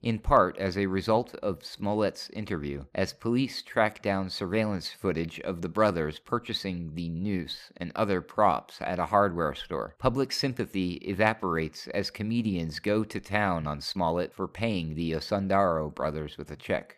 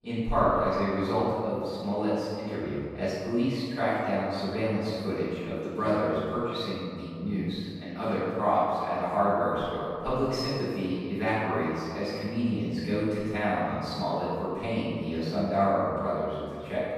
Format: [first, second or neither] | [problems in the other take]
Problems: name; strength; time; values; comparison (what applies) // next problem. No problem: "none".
first | off-mic speech; far // room echo; strong; dies away in 2 s